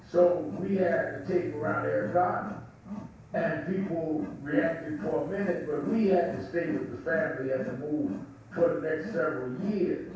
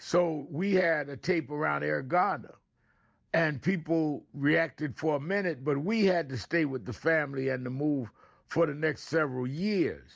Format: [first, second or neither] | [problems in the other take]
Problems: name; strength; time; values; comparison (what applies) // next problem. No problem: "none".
second | background sound (Wild animals); 12 dB below the speech // room echo; dies away in 0.7 s